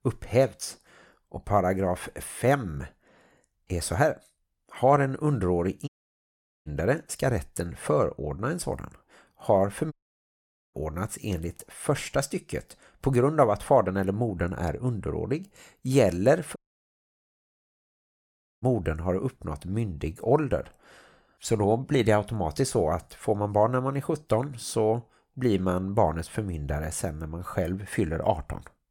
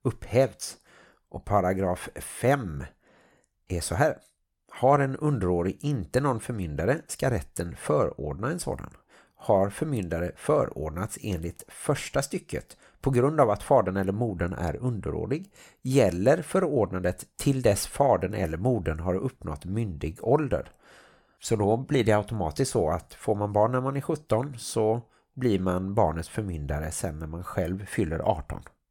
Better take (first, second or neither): second